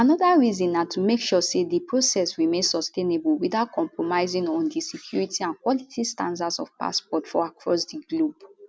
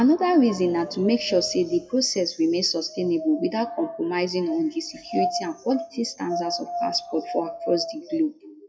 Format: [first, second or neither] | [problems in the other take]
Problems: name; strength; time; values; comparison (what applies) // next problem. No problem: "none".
first | noise reduction (classical method WPE with log-MMSE)